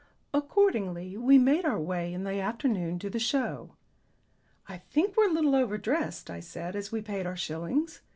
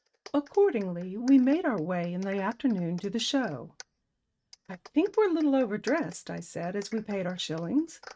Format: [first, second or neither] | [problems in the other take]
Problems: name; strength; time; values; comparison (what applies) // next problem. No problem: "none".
first | noise reduction (neural mask model RNNoise)